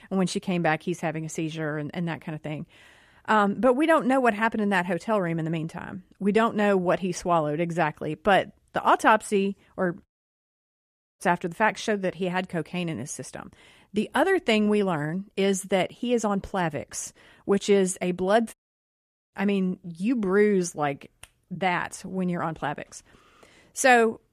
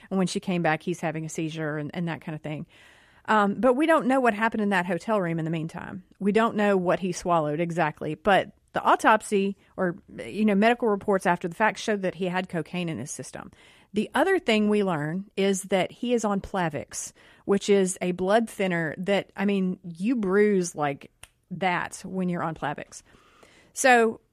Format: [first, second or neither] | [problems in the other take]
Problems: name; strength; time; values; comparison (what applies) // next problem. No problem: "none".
second | audio cutting out; at 10 s for 1 s and at 19 s for 1 s